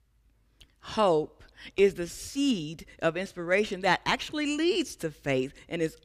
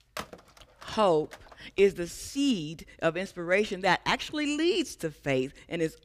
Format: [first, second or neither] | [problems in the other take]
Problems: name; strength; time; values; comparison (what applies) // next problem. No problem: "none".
first | phone ringing; faint; until 1.5 s; peak 10 dB below the speech